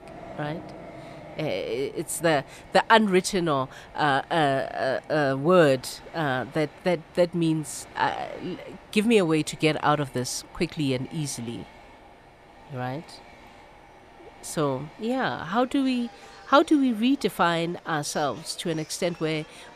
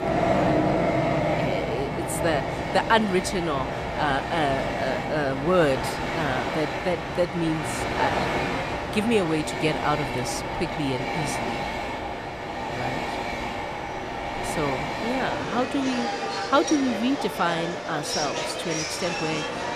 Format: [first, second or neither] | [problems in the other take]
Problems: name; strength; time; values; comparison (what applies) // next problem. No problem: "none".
first | train or aircraft noise; loud; throughout; 1 dB below the speech; faint in the first